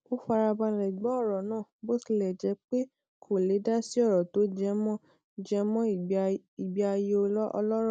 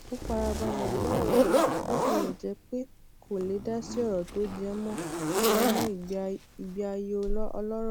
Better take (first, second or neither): first